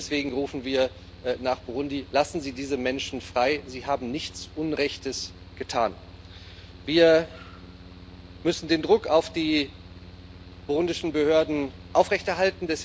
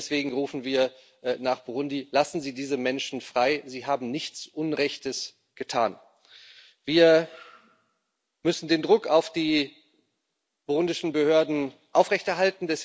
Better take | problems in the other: second | background sound (Mechanical fan); 18 dB below the speech

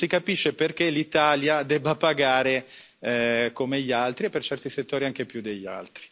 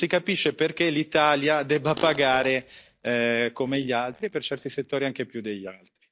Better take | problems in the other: first | noise reduction (neural mask model DeepFilterNet 3)

